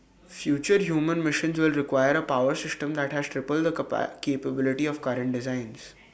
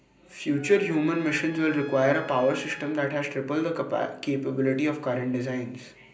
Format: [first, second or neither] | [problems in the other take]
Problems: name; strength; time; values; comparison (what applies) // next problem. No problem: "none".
first | background sound (Trumpet); 19 dB below the speech // room echo; dies away in 0.5 s